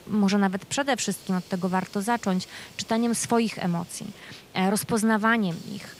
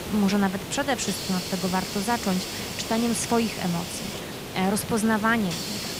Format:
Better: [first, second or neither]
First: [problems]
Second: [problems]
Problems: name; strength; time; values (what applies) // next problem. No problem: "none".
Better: first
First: hiss; faint; throughout; 20 dB below the speech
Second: hiss; loud; throughout; 6 dB below the speech